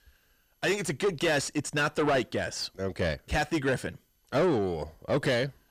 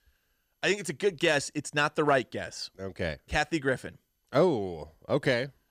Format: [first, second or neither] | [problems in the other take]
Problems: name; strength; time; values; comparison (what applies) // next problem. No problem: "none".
second | distortion; heavy; 7 dB below the speech